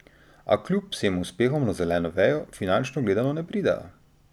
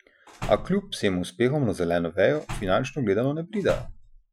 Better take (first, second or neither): first